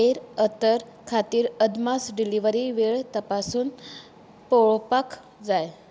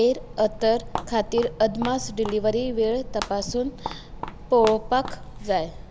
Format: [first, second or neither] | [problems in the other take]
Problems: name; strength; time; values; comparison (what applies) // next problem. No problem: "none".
first | background sound (Walk, footsteps); 10 dB below the speech